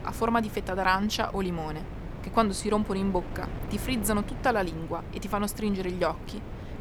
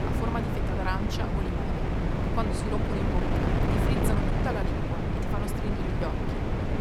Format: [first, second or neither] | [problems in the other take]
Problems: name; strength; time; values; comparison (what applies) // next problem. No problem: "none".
first | wind noise on the microphone; heavy; 3 dB above the speech; occasional gusts in the first